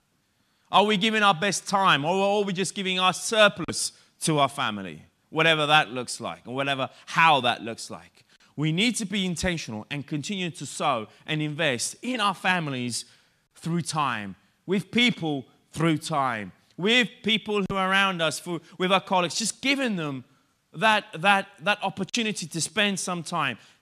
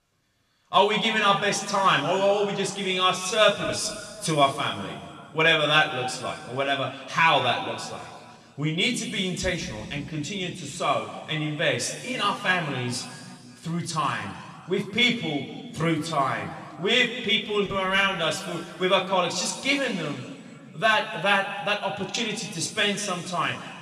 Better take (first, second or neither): first